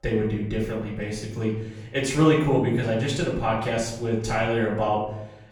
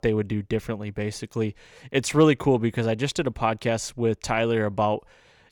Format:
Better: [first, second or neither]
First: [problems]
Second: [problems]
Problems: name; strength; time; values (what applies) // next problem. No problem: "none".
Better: second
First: off-mic speech; far // room echo; noticeable; dies away in 0.7 s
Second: none